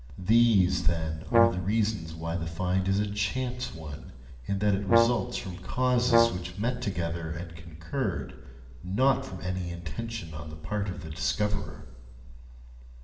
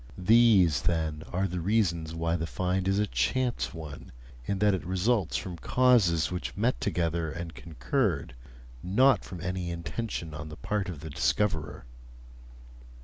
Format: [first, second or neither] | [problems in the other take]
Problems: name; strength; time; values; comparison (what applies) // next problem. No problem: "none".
second | background sound (Brass instrument); 1 dB below the speech // room echo; dies away in 1.7 s